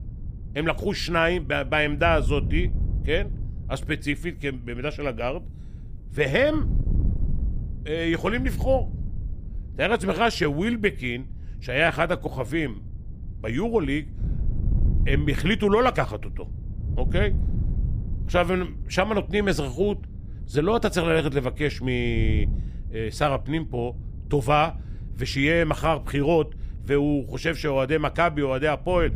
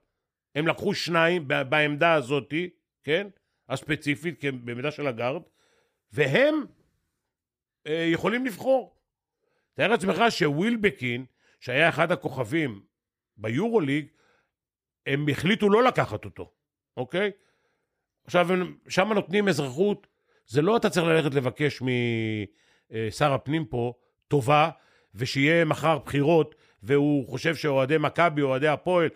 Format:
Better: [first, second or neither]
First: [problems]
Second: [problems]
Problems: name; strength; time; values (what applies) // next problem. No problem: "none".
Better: second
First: wind noise on the microphone; occasional gusts; 20 dB below the speech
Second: none